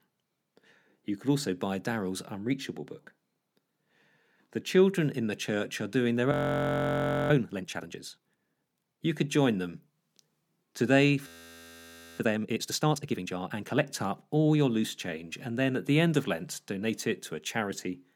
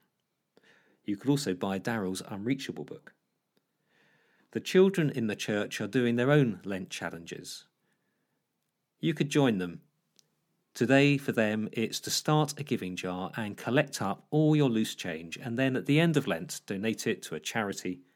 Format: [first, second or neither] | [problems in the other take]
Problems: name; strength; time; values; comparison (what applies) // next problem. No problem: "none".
second | audio freezing; at 6.5 s for 1 s and at 11 s for 1 s